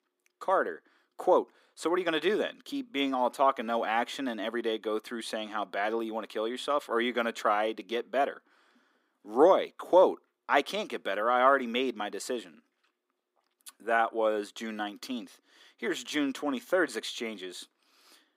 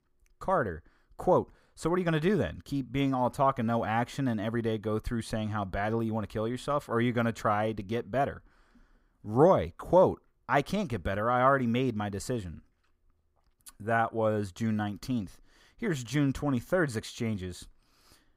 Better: second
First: thin; somewhat; fading below 250 Hz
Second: none

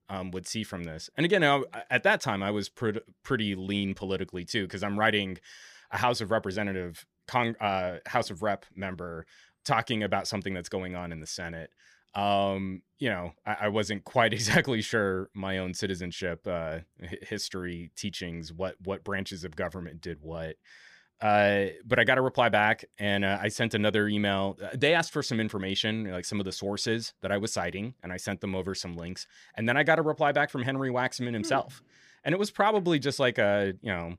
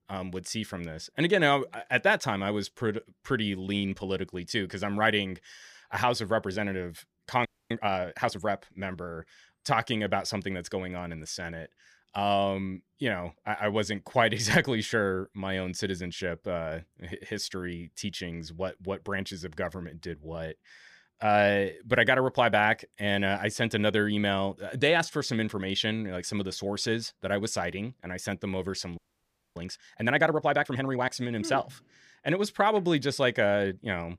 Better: first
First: none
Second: audio freezing; at 7.5 s and at 29 s for 0.5 s

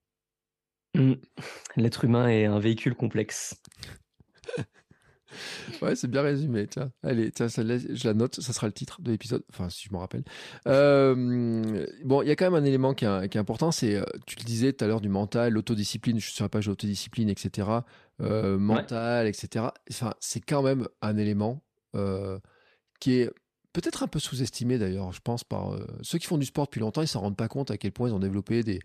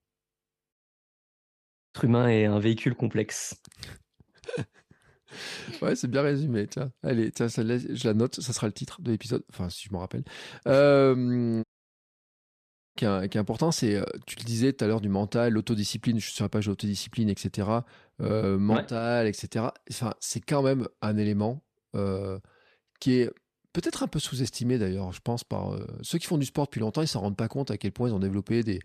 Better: first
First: none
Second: audio cutting out; at 0.5 s for 1 s and at 12 s for 1.5 s

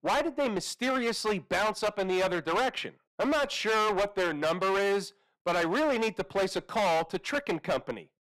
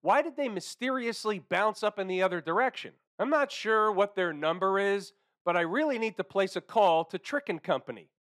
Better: second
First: distortion; heavy; 20% of the sound clipped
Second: none

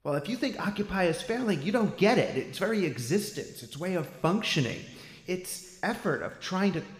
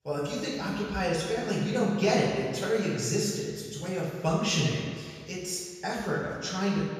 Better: first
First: room echo; slight; dies away in 1.3 s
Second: room echo; strong; dies away in 1.7 s // off-mic speech; far

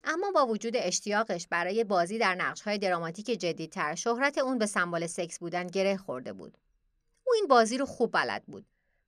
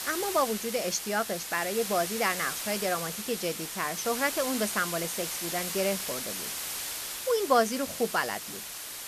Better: first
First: none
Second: hiss; loud; throughout; 3 dB below the speech

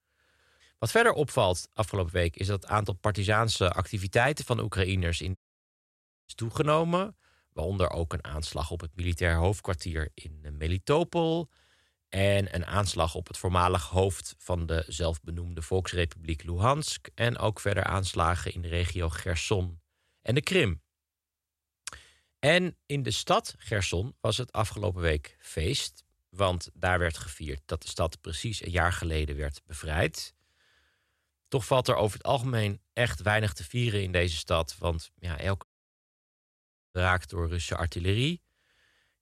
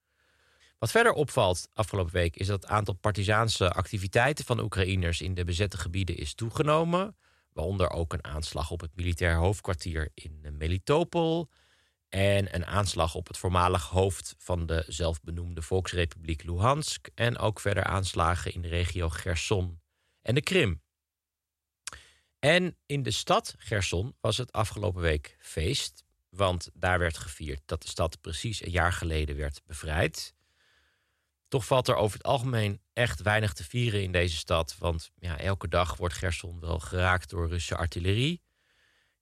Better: second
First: audio cutting out; at 5.5 s for 1 s and at 36 s for 1.5 s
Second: none

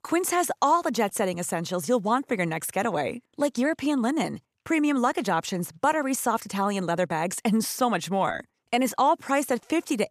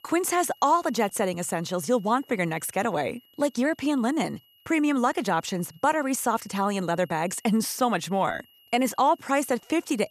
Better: first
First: none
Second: high-pitched whine; faint; throughout; 3 kHz, 30 dB below the speech

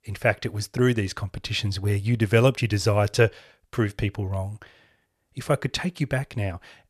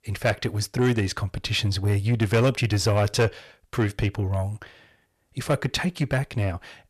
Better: first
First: none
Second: distortion; slight; 10 dB below the speech

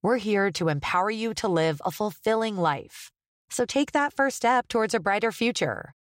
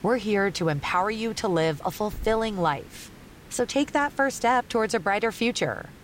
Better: first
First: none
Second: hiss; faint; throughout; 20 dB below the speech

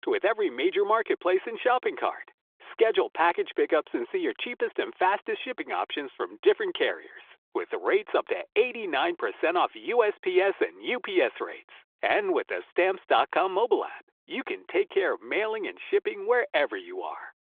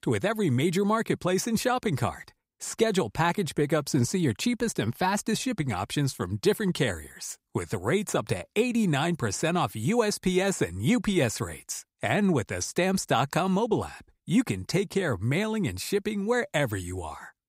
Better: second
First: phone-call audio; nothing above 3.5 kHz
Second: none

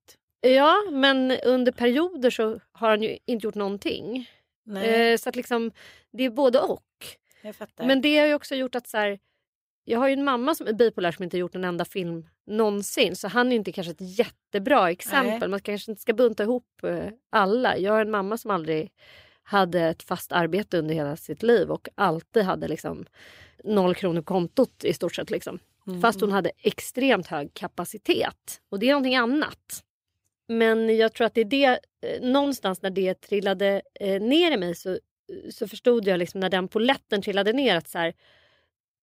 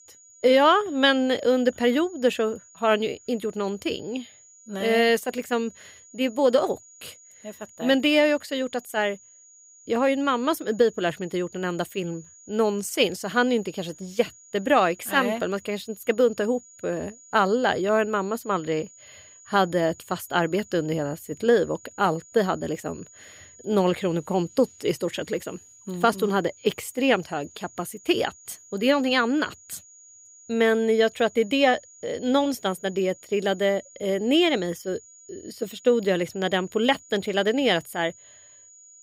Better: first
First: none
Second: high-pitched whine; faint; throughout; 7 kHz, 25 dB below the speech

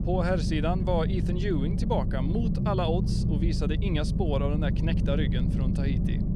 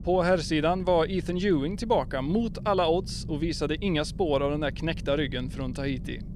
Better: second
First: low rumble; loud; throughout; 6 dB below the speech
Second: low rumble; faint; throughout; 20 dB below the speech

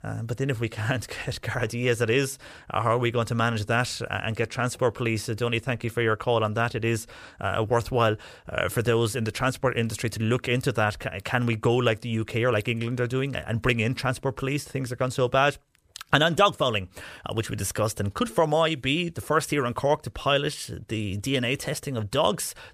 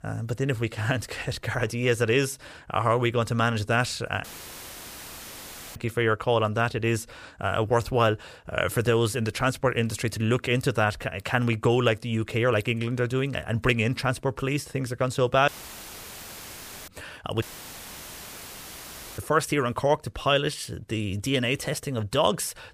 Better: first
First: none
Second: audio cutting out; filled with static; at 4 s for 1.5 s, at 15 s for 1.5 s and at 17 s for 2 s

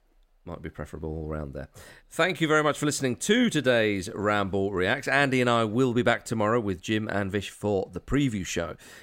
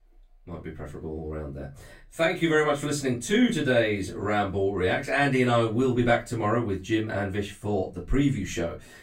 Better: first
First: none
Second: off-mic speech; far // room echo; very slight; dies away in 0.2 s

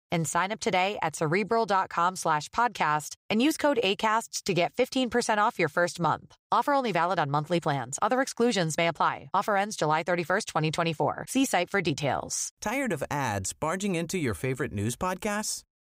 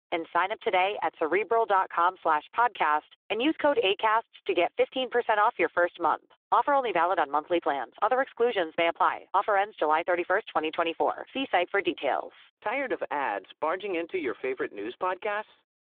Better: first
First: none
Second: phone-call audio

